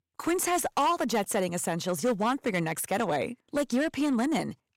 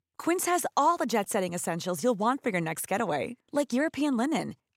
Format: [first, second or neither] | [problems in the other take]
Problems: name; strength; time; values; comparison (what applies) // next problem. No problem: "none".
second | distortion; slight; 8% of the sound clipped